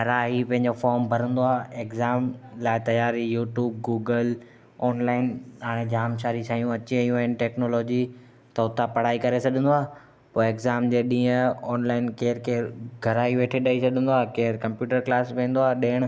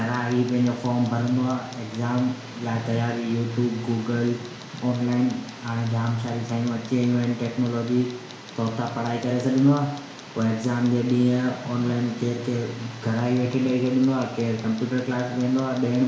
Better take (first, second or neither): first